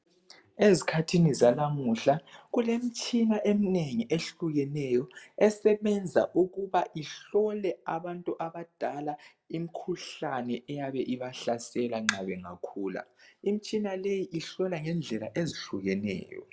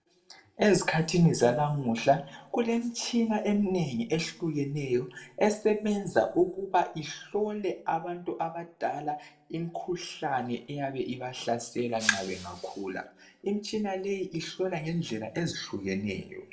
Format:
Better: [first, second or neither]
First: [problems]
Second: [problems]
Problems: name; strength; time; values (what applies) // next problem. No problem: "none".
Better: first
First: none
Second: background sound (Shatter); 13 dB below the speech // room echo; dies away in 0.5 s